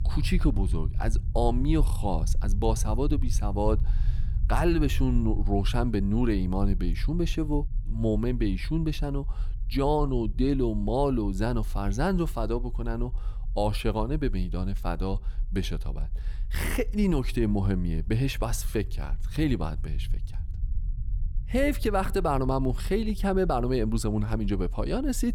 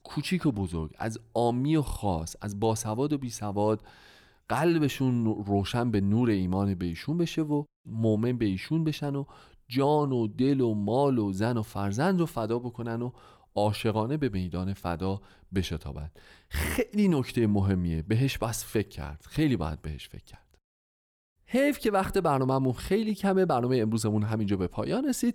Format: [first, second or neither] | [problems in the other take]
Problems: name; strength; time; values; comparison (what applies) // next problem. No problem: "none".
second | low rumble; faint; throughout; 20 dB below the speech